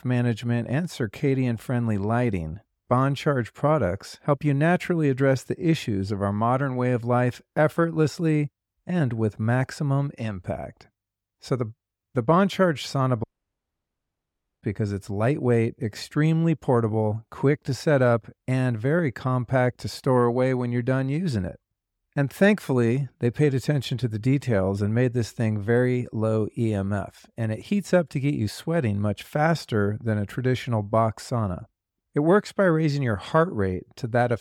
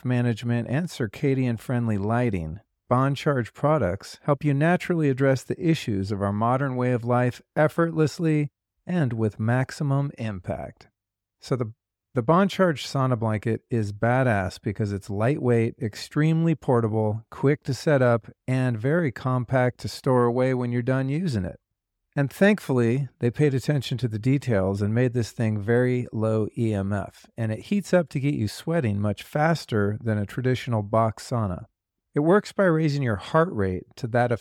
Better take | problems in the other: second | audio cutting out; at 13 s for 1.5 s

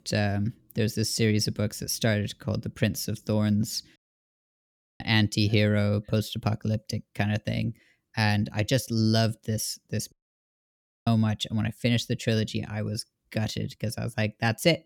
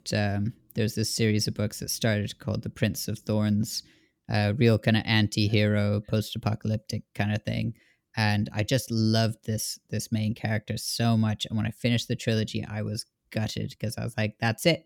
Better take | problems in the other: second | audio cutting out; at 4 s for 1 s and at 10 s for 1 s

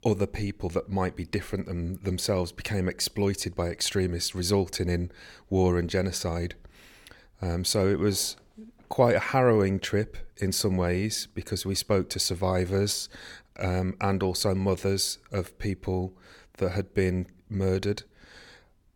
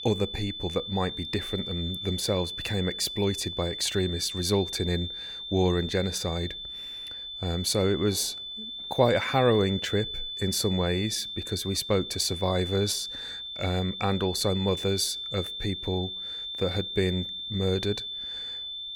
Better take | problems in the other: first | high-pitched whine; loud; throughout; 3.5 kHz, 6 dB below the speech

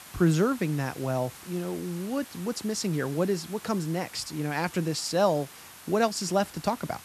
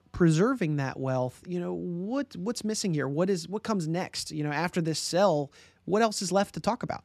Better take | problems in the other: second | hiss; noticeable; throughout; 15 dB below the speech

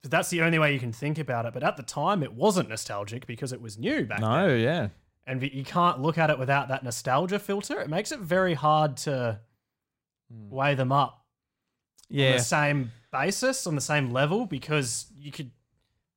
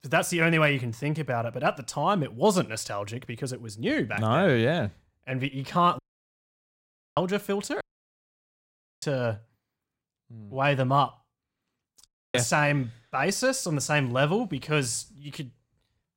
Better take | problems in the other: first | audio cutting out; at 6 s for 1 s, at 8 s for 1 s and at 12 s

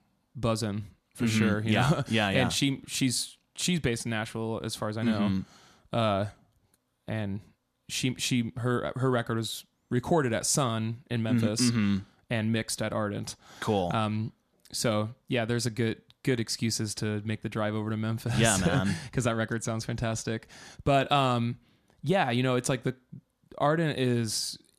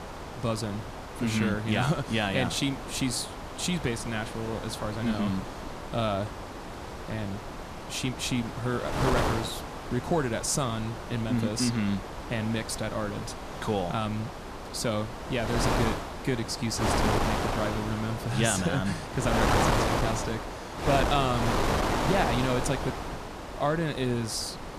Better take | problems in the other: first | wind noise on the microphone; heavy; 1 dB below the speech

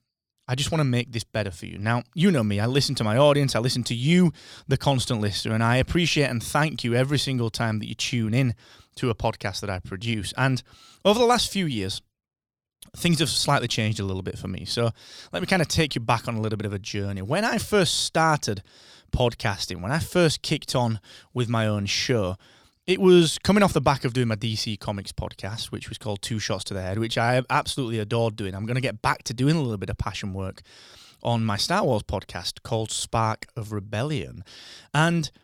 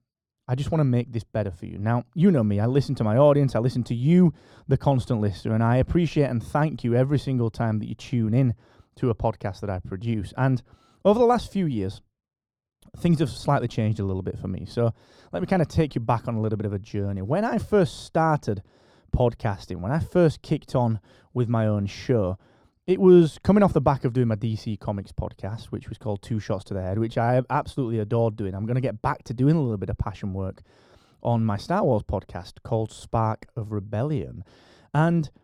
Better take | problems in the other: first | muffled; very; fading above 1.5 kHz

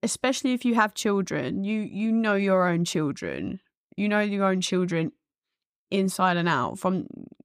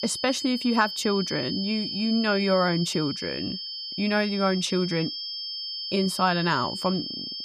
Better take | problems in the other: first | high-pitched whine; loud; throughout; 5 kHz, 5 dB below the speech

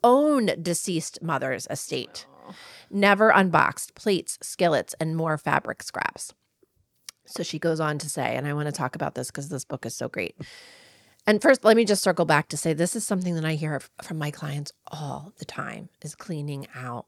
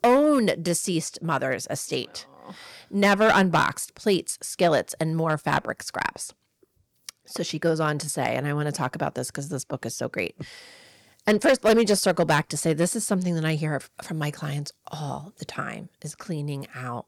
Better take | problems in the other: first | distortion; slight; 2% of the sound clipped

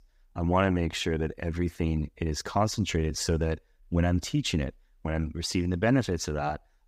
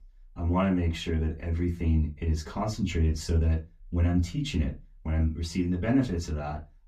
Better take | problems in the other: first | off-mic speech; far // room echo; very slight; dies away in 0.2 s

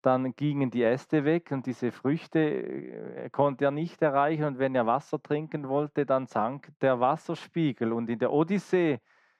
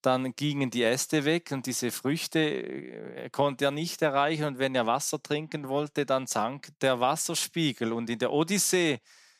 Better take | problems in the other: second | muffled; very; fading above 4 kHz

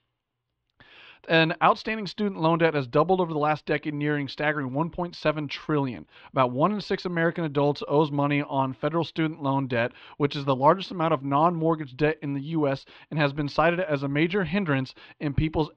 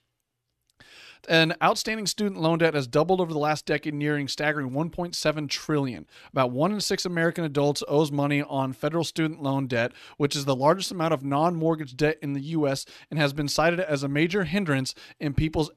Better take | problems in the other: second | muffled; slightly; fading above 3.5 kHz

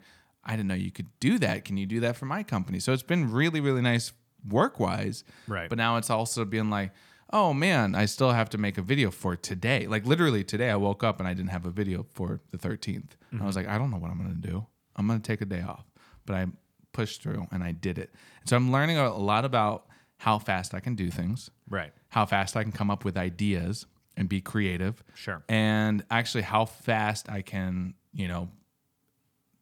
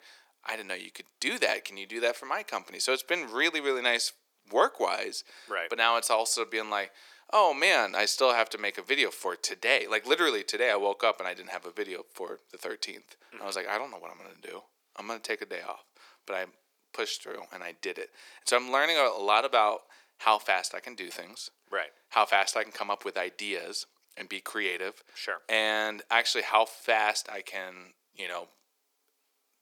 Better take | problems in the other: first | thin; very; fading below 400 Hz

